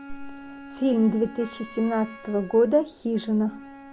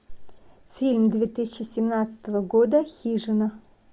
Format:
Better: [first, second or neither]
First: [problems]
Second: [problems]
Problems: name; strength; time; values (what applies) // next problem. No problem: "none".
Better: second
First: background sound (Wind instrument, woodwind instrument); 18 dB below the speech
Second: none